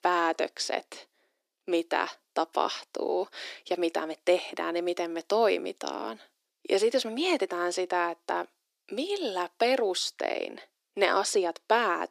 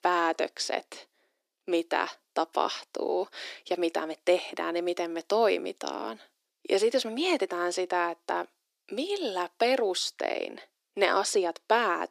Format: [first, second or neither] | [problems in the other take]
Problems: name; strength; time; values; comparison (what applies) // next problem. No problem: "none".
neither | thin; very; fading below 300 Hz; the same in both